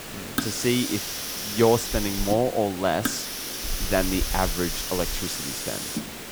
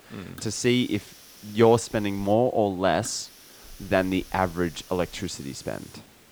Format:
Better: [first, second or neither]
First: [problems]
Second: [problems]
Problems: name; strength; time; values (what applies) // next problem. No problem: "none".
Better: second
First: hiss; loud; throughout; 3 dB below the speech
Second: hiss; faint; throughout; 20 dB below the speech